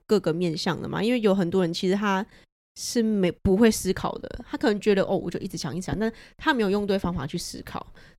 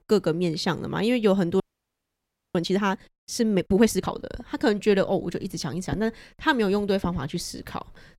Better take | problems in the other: first | audio freezing; at 1.5 s for 1 s

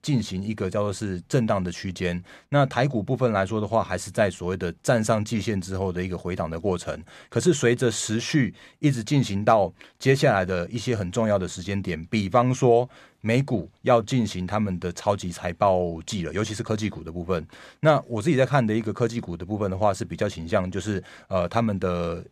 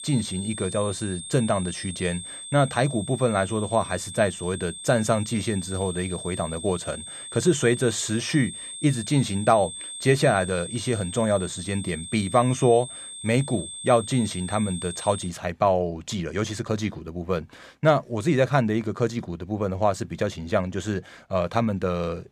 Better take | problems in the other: first | high-pitched whine; loud; until 15 s; 8.5 kHz, 10 dB below the speech

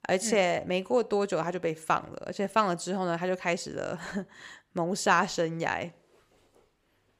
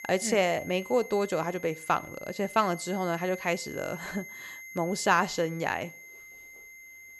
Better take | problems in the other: first | high-pitched whine; noticeable; throughout; 2 kHz, 15 dB below the speech

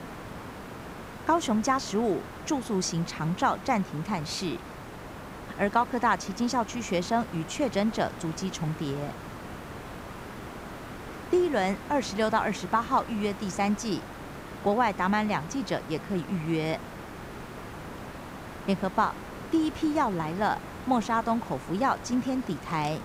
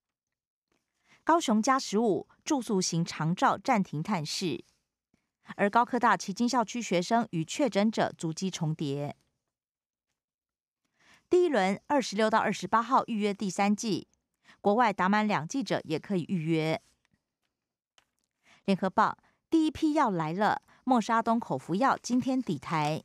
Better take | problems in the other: second | hiss; noticeable; throughout; 10 dB below the speech

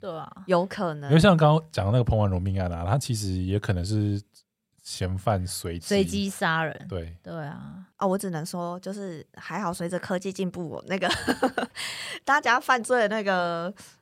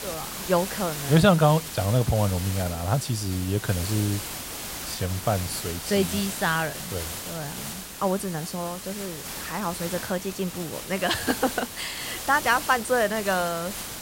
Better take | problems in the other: first | hiss; loud; throughout; 7 dB below the speech

